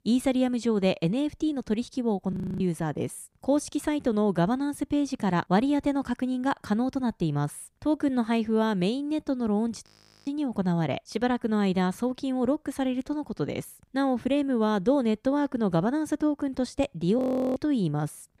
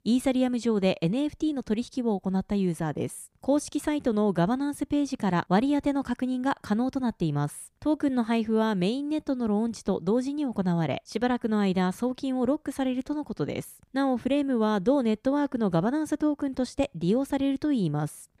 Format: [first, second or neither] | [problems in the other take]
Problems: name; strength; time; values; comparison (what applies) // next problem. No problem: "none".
second | audio freezing; at 2.5 s, at 10 s and at 17 s